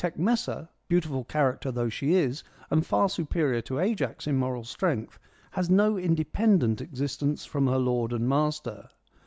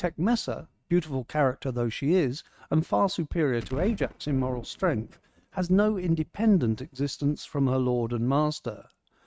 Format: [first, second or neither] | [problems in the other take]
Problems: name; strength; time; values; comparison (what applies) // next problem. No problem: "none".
first | noise reduction (neural mask model RNNoise)